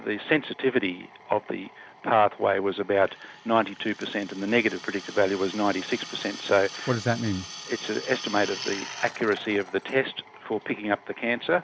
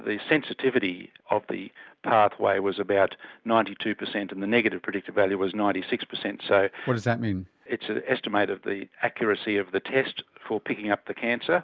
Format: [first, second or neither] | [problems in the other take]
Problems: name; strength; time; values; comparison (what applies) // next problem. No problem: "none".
second | background sound (Drill); 16 dB below the speech